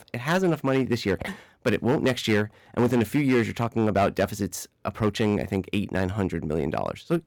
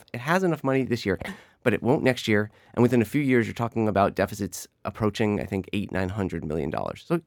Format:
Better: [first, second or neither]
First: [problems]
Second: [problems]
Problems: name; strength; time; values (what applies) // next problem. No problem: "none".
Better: second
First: distortion; slight; 5% of the sound clipped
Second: none